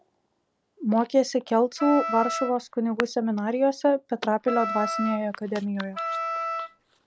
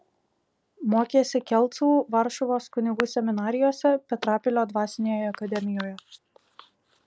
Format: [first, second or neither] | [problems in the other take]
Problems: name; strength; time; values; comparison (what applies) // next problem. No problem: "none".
second | background sound (Wind instrument, woodwind instrument); 6 dB below the speech